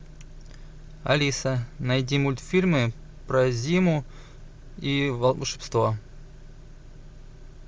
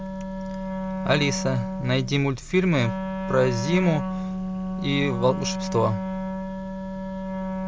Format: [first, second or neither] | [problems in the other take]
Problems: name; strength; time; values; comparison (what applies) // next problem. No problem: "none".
first | background sound (Wind instrument, woodwind instrument); 4 dB below the speech